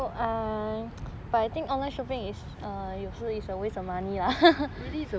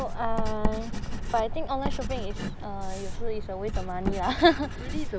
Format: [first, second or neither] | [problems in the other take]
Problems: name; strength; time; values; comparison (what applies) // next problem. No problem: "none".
first | background sound (Writing); as loud as the speech